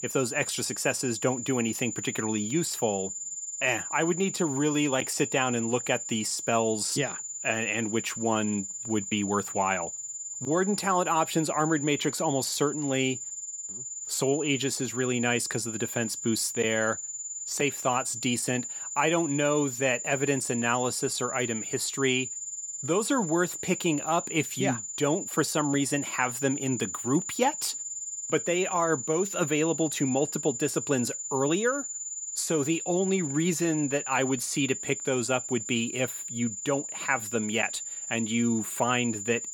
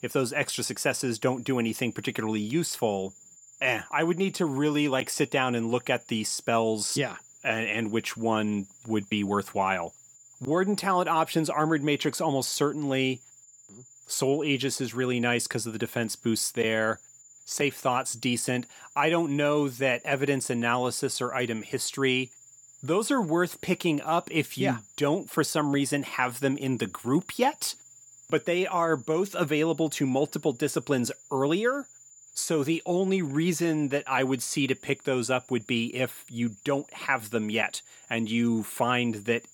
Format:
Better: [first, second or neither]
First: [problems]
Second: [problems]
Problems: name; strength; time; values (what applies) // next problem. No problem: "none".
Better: second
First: high-pitched whine; loud; throughout; 7 kHz, 6 dB below the speech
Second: high-pitched whine; faint; throughout; 7 kHz, 25 dB below the speech